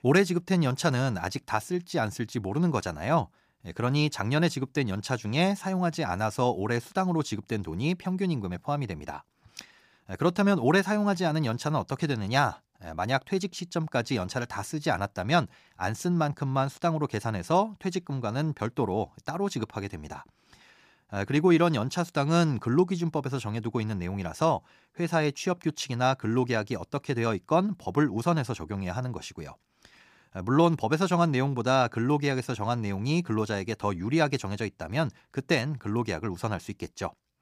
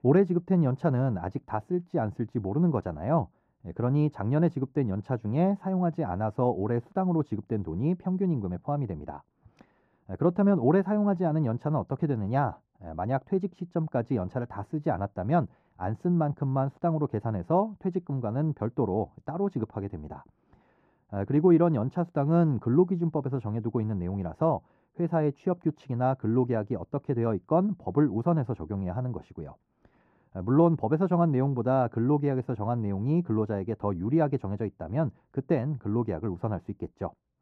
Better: first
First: none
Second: muffled; very; fading above 2 kHz

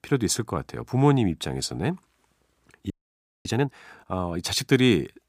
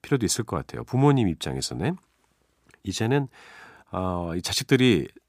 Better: second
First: audio freezing; at 3 s for 0.5 s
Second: none

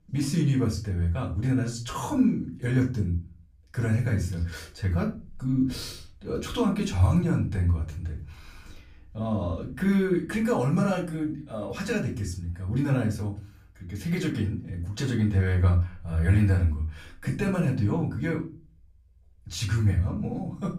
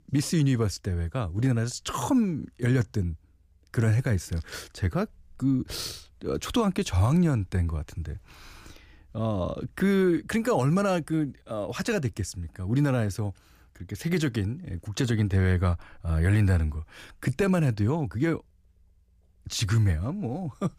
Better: second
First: off-mic speech; far // room echo; slight; dies away in 0.3 s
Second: none

